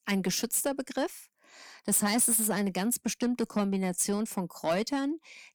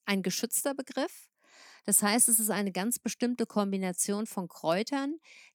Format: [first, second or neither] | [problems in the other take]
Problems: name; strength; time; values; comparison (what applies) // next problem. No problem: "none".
second | distortion; slight; 10 dB below the speech